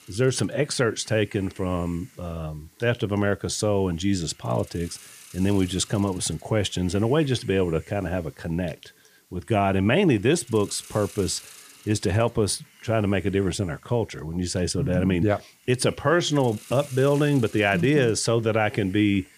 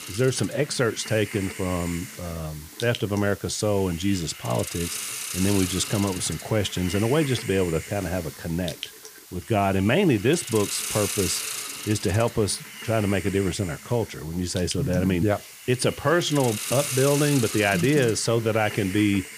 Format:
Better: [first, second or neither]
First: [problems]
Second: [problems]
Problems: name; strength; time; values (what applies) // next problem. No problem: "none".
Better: first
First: hiss; faint; throughout; 25 dB below the speech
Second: hiss; loud; throughout; 8 dB below the speech